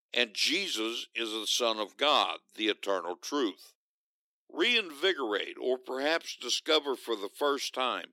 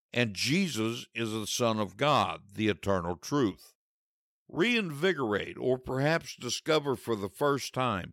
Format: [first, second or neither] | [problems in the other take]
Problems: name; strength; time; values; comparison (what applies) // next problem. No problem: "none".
second | thin; somewhat; fading below 300 Hz